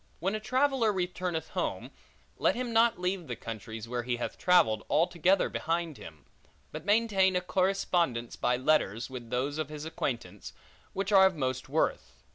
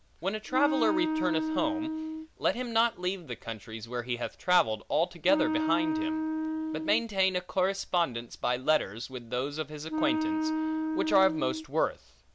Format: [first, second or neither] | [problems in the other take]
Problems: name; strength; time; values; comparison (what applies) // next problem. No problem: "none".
first | background sound (Wind instrument, woodwind instrument); as loud as the speech